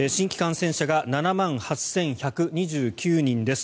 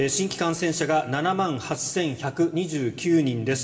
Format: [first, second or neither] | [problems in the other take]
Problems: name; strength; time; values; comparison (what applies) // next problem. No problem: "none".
first | room echo; dies away in 0.9 s